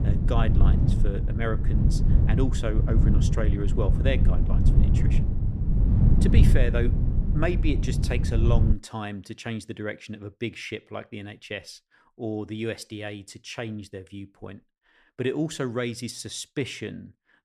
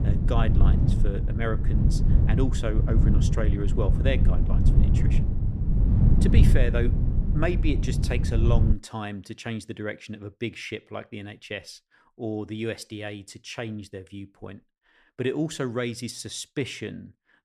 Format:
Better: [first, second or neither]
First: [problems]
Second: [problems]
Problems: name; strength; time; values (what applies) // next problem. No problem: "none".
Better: neither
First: low rumble; loud; until 8.5 s; 3 dB below the speech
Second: low rumble; loud; until 8.5 s; 3 dB below the speech